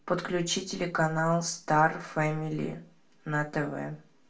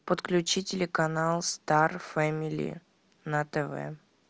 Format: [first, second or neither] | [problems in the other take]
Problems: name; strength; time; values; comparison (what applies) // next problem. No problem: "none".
second | room echo; dies away in 0.3 s